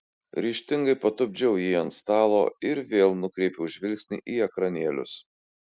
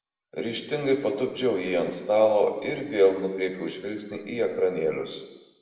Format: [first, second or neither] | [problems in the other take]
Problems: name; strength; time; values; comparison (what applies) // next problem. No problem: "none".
first | room echo; dies away in 1 s